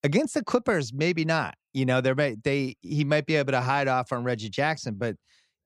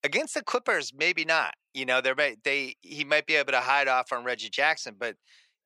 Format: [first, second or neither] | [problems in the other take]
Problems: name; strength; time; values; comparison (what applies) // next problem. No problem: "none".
first | thin; very; fading below 600 Hz